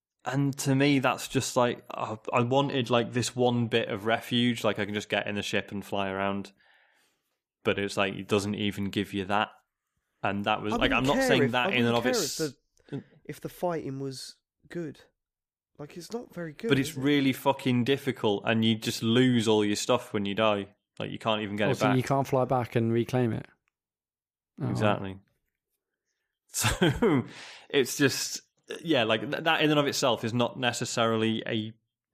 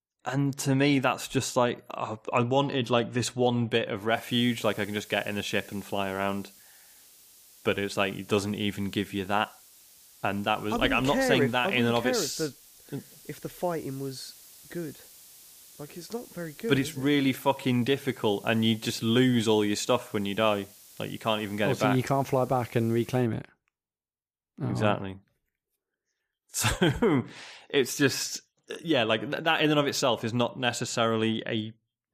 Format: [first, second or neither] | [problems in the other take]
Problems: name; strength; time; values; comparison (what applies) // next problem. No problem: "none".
first | hiss; faint; from 4 to 23 s; 25 dB below the speech